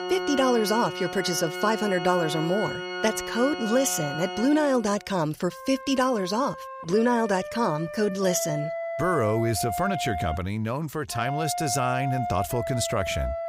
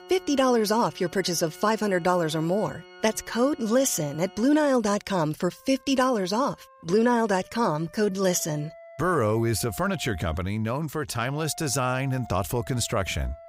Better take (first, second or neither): second